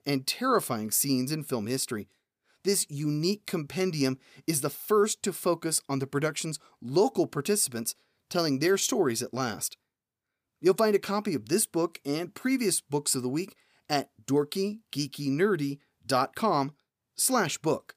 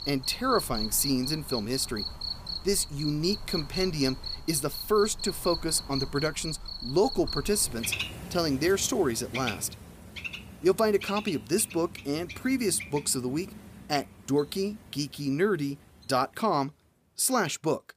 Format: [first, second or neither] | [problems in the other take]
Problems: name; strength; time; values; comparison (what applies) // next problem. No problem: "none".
first | animal sounds; loud; throughout; 8 dB below the speech